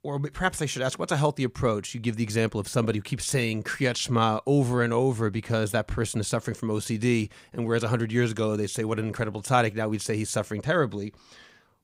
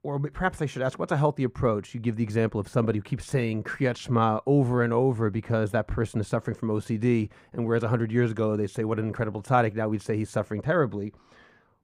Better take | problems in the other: first | muffled; slightly; fading above 2.5 kHz

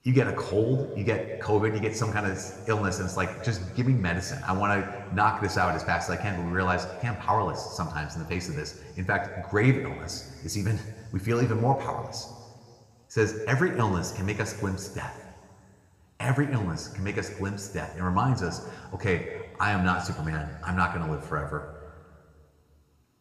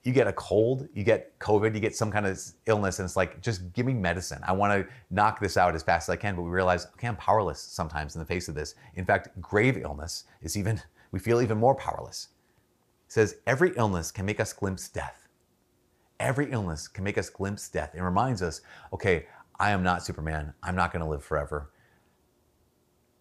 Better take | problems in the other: second | room echo; slight; dies away in 1.8 s

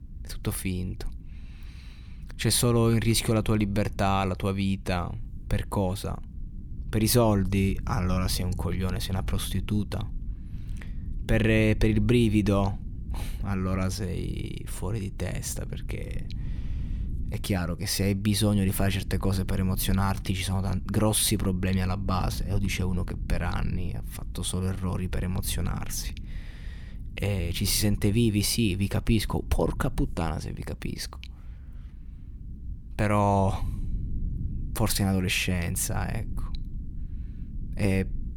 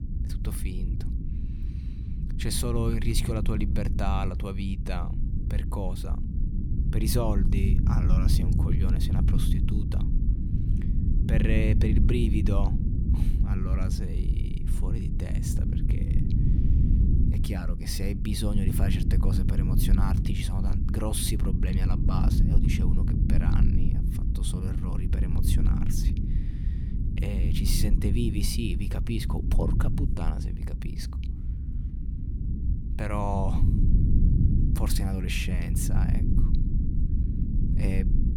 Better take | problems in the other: first | low rumble; loud; throughout; 4 dB below the speech; faint in the first

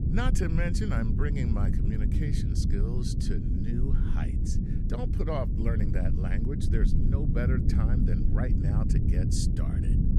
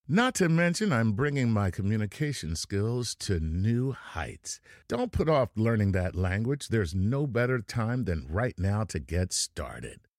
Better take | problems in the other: second | low rumble; loud; throughout; 1 dB below the speech

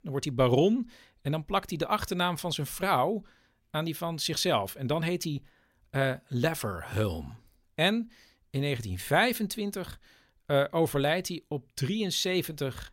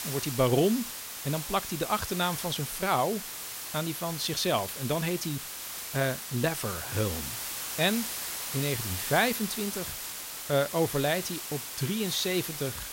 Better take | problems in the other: first | hiss; loud; throughout; 5 dB below the speech

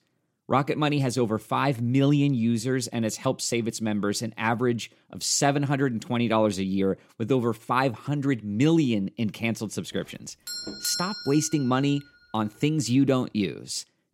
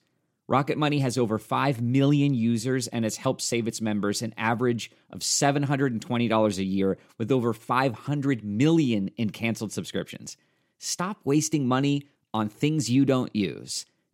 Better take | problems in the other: second | doorbell; noticeable; at 10 s; peak 3 dB below the speech

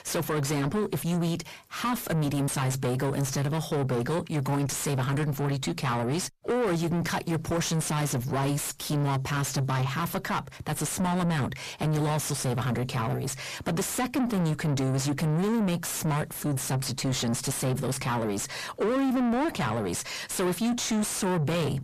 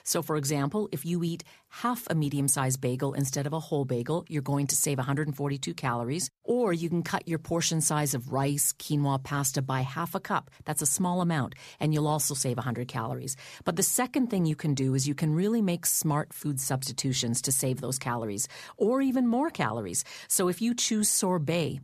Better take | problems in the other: second | distortion; heavy; 5 dB below the speech

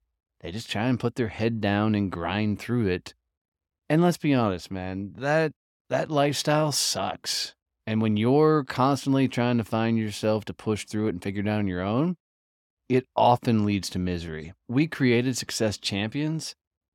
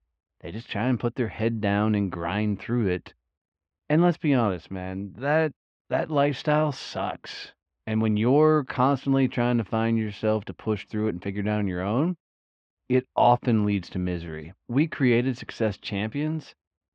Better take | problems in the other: first | muffled; slightly; fading above 3 kHz

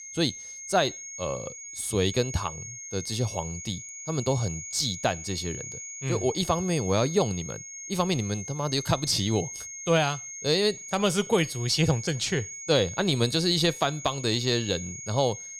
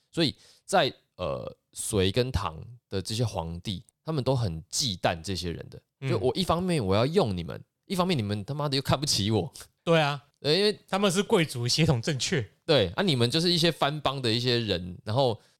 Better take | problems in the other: second | high-pitched whine; loud; throughout; 6.5 kHz, 10 dB below the speech

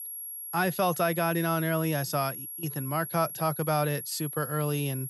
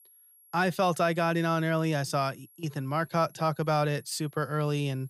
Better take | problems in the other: second | high-pitched whine; loud; throughout; 11.5 kHz, 7 dB below the speech; faint in the second

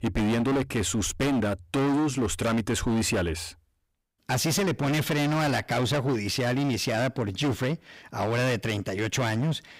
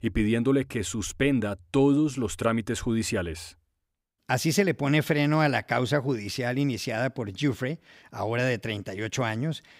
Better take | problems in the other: second | distortion; heavy; 25% of the sound clipped

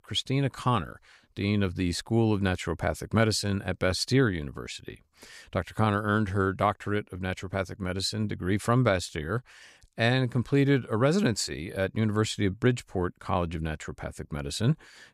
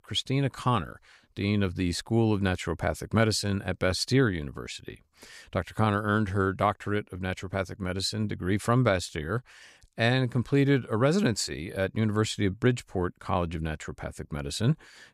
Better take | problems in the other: neither | none

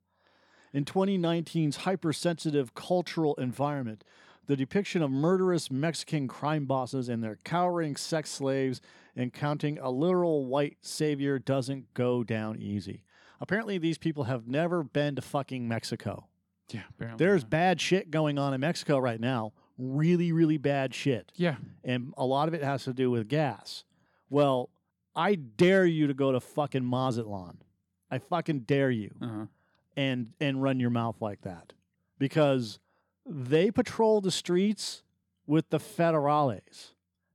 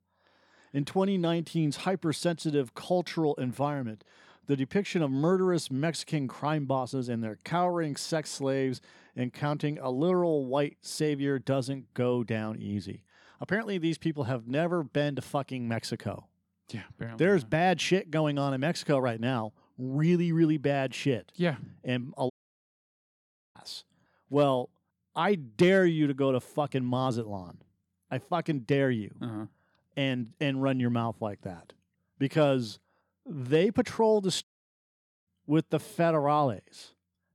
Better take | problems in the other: first | audio cutting out; at 22 s for 1.5 s and at 34 s for 1 s

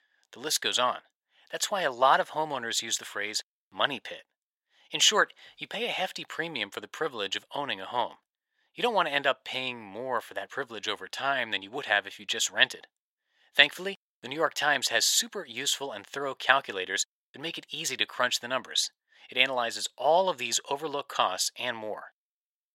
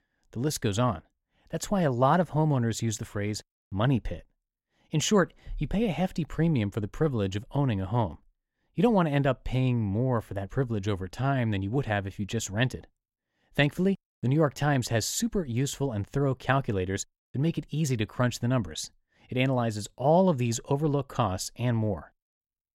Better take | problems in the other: second | thin; very; fading below 750 Hz

